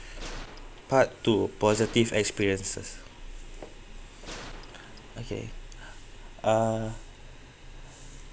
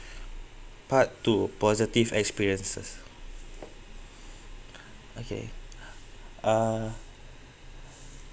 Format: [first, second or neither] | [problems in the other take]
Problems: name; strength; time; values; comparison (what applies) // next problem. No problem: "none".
second | background sound (Gunshot, gunfire); 17 dB below the speech